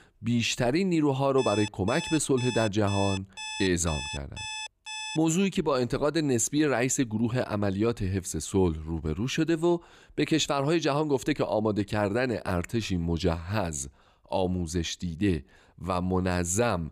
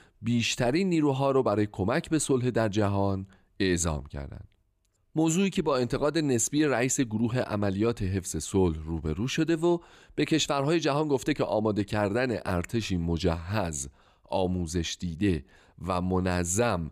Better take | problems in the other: second | alarm; noticeable; from 1.5 to 5 s; peak 7 dB below the speech

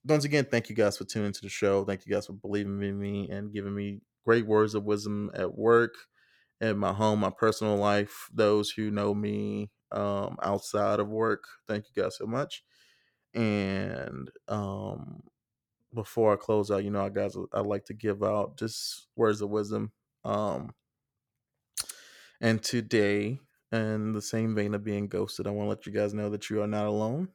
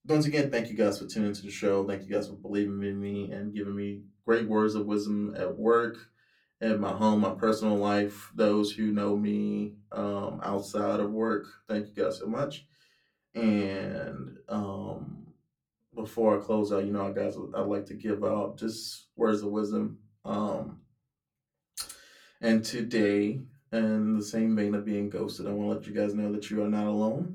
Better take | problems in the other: first | off-mic speech; far // room echo; very slight; dies away in 0.2 s

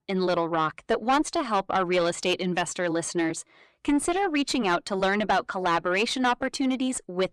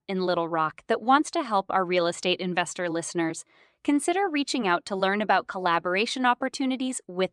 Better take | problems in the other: second | distortion; slight; 10 dB below the speech

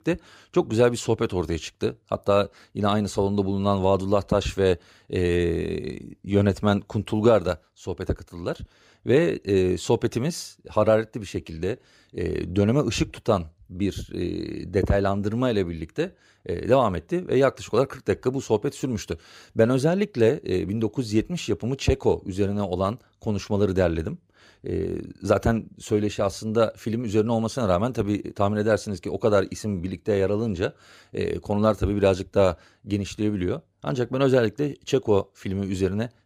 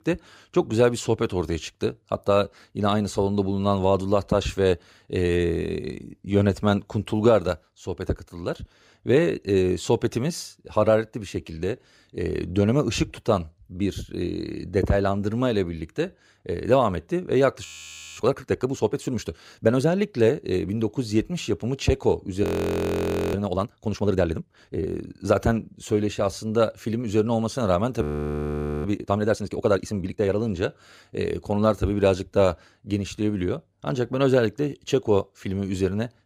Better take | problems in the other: first | audio freezing; at 18 s for 0.5 s, at 22 s for 1 s and at 28 s for 1 s

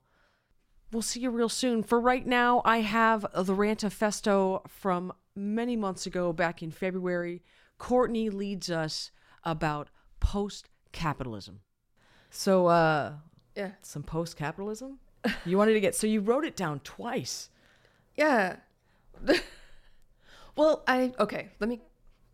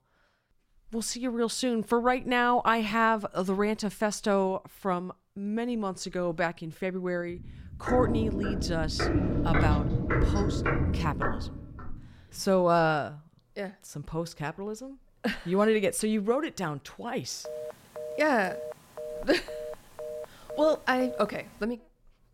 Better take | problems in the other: first | footsteps; loud; from 7.5 to 12 s; peak 3 dB above the speech // phone ringing; faint; from 17 to 22 s; peak 10 dB below the speech

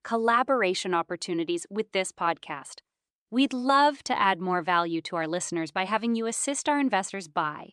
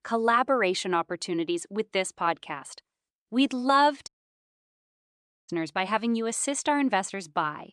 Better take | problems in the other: first | audio cutting out; at 4 s for 1.5 s

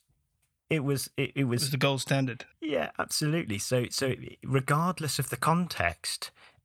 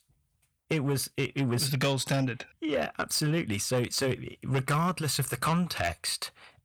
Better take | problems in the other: first | distortion; slight; 10 dB below the speech

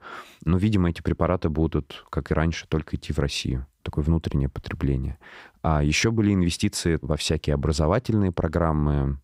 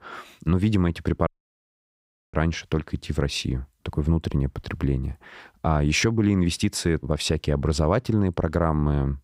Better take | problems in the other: first | audio cutting out; at 1.5 s for 1 s

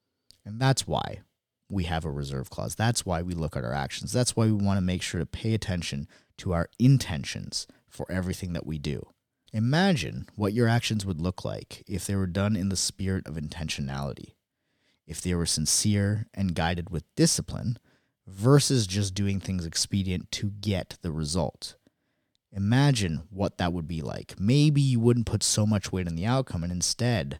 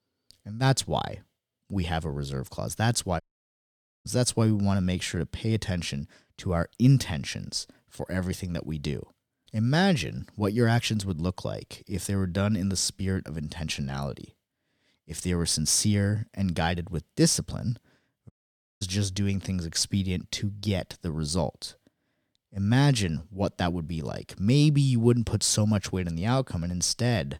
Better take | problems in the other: first | audio cutting out; at 3 s for 1 s and at 18 s for 0.5 s

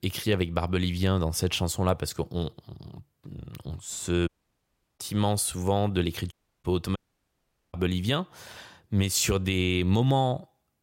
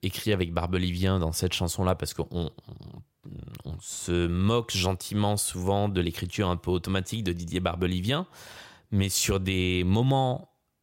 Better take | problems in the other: second | audio cutting out; at 4.5 s for 0.5 s, at 6.5 s and at 7 s for 1 s

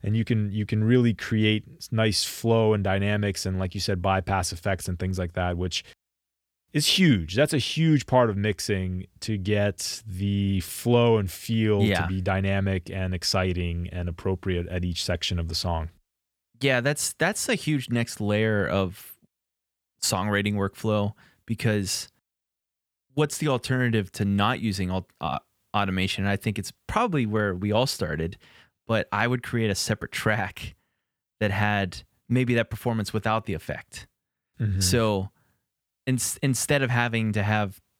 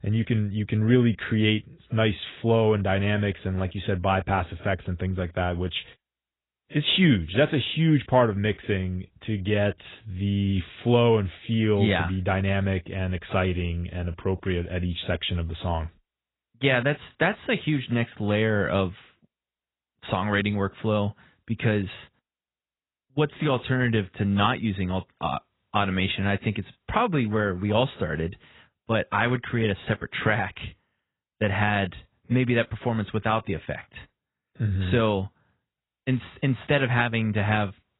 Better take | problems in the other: first | garbled, watery; badly; nothing above 4 kHz

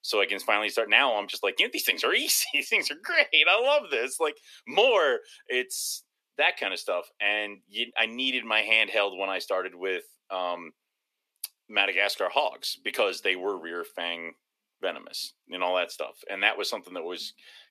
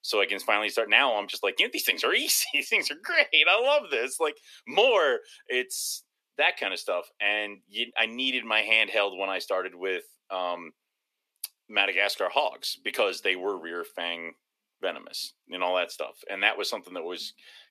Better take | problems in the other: neither | thin; very; fading below 350 Hz; the same in both

